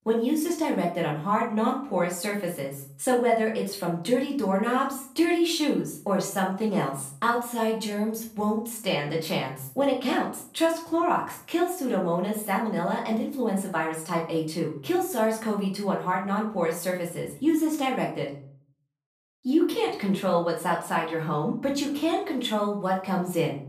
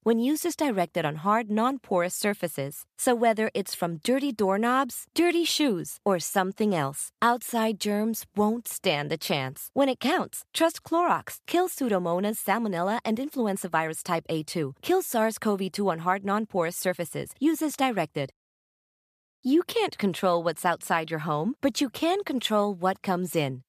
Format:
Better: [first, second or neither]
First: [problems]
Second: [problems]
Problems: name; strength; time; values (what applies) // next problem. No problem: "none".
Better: second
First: off-mic speech; far // room echo; slight; dies away in 0.4 s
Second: none